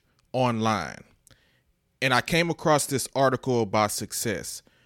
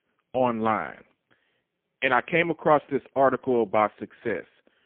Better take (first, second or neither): first